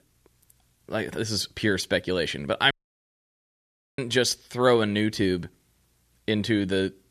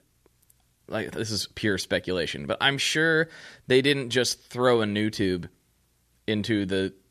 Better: second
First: audio cutting out; at 2.5 s for 1.5 s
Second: none

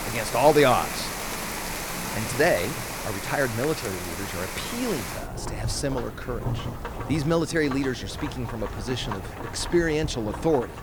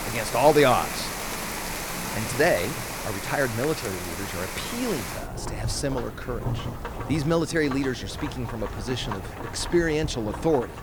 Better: neither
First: rain or running water; loud; throughout; 6 dB below the speech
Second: rain or running water; loud; throughout; 6 dB below the speech

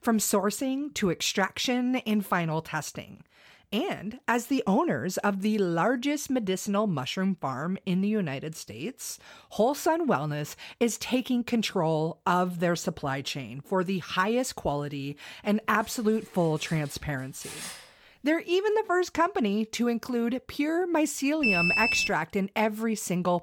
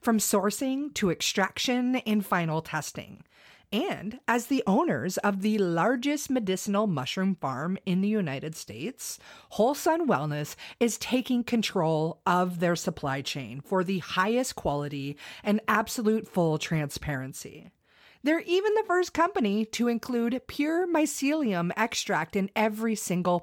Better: second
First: clattering dishes; noticeable; from 16 to 18 s; peak 9 dB below the speech // alarm; loud; at 21 s; peak 6 dB above the speech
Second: none

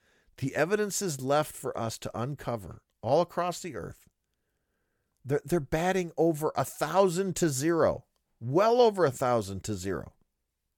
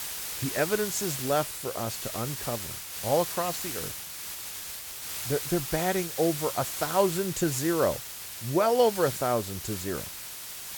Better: first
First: none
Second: hiss; loud; throughout; 5 dB below the speech

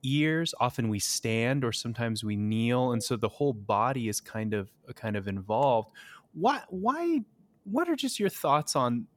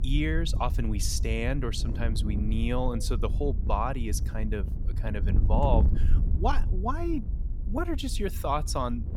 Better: first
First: none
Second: wind noise on the microphone; occasional gusts; 15 dB below the speech

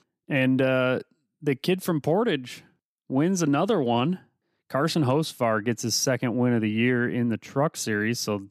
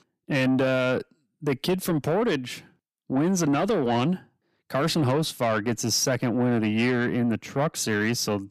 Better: first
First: none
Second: distortion; slight; 10 dB below the speech

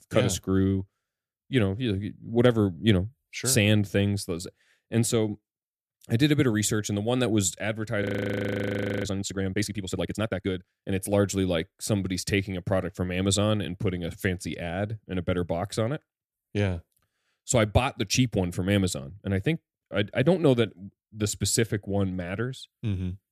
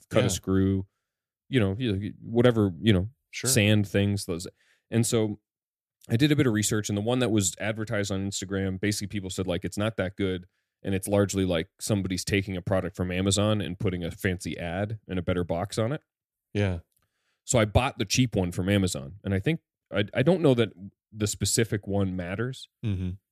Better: second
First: audio freezing; at 8 s for 1 s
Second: none

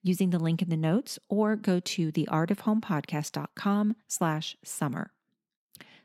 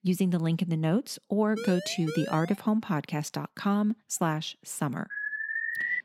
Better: first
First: none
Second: siren; noticeable; from 1.5 to 2.5 s; peak 8 dB below the speech // alarm; loud; at 5 s; peak 1 dB above the speech

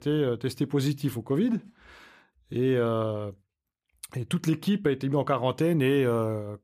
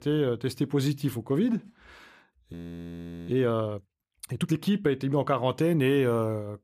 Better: first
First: none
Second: audio freezing; at 2.5 s for 1 s

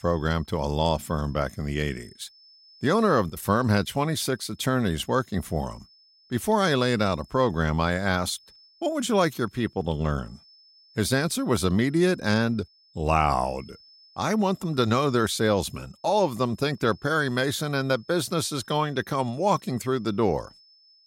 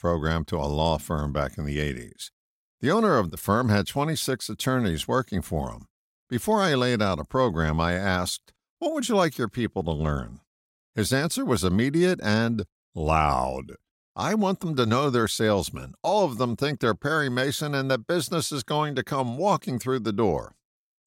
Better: second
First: high-pitched whine; faint; throughout; 5 kHz, 30 dB below the speech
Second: none

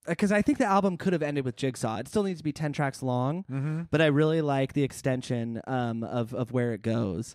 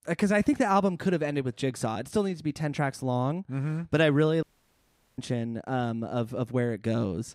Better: first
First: none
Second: audio cutting out; at 4.5 s for 1 s

